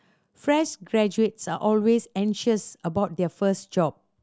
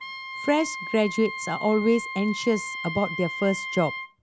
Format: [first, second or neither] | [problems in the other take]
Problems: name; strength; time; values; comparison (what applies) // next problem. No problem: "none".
first | background sound (Wind instrument, woodwind instrument); 8 dB below the speech